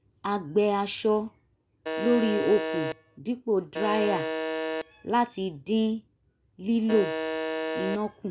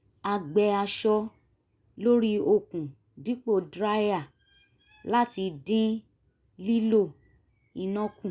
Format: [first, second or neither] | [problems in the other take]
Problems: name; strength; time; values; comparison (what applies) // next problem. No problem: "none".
second | background sound (Alarm); 4 dB below the speech